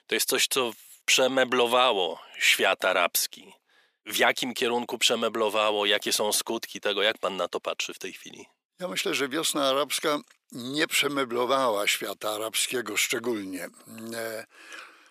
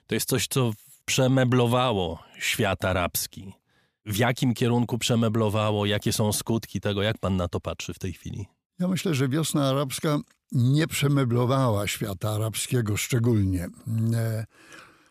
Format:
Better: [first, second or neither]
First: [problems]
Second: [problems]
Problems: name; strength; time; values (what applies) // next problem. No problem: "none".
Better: second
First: thin; very; fading below 350 Hz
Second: none